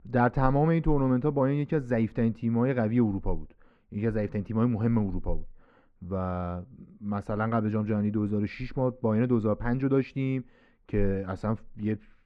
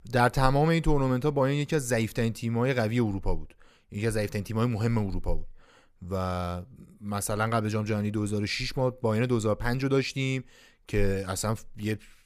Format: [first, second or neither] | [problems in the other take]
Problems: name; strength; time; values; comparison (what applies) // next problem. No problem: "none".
second | muffled; very; fading above 1.5 kHz